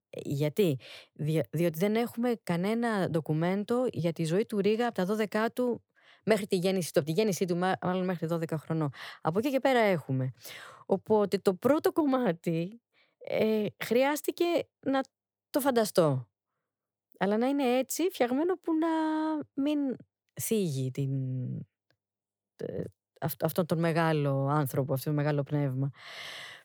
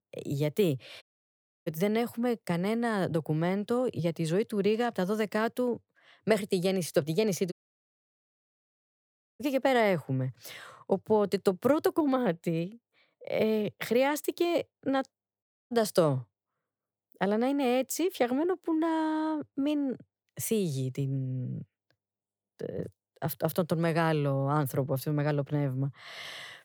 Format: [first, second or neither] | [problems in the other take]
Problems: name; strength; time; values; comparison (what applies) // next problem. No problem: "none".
first | audio cutting out; at 1 s for 0.5 s, at 7.5 s for 2 s and at 15 s